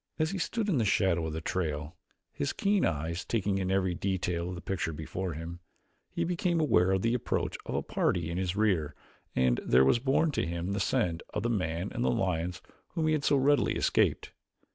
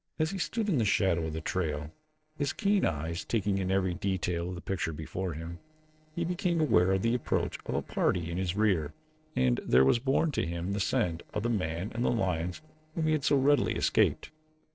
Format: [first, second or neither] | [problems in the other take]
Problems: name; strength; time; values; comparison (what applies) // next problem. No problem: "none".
first | noise reduction (neural separator model SepFormer DNS4)